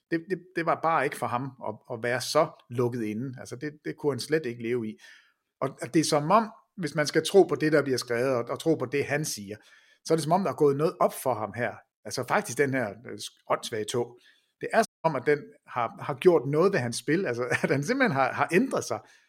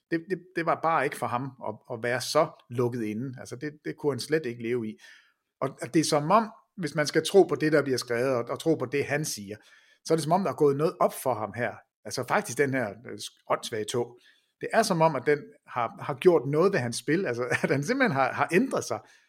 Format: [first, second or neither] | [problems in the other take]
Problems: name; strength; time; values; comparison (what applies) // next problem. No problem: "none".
second | audio cutting out; at 15 s